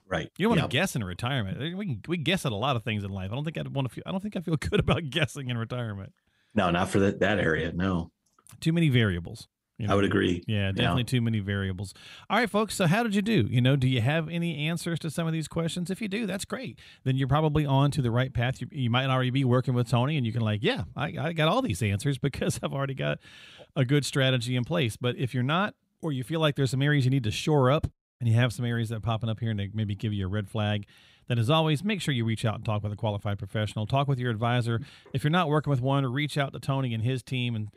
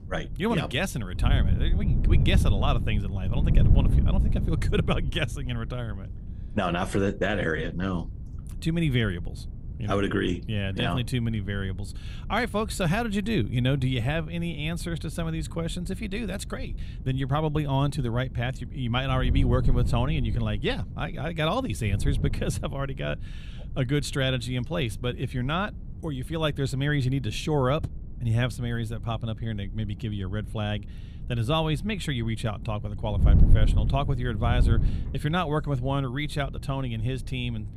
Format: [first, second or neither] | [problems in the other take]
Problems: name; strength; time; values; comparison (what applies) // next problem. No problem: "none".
first | wind noise on the microphone; occasional gusts; 15 dB below the speech